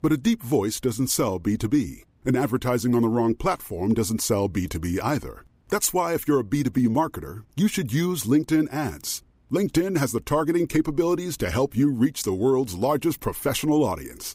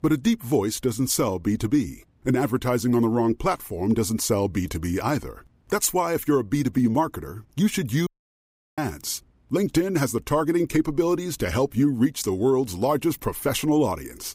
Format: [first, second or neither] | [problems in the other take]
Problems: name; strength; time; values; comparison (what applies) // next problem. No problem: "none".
first | audio cutting out; at 8 s for 0.5 s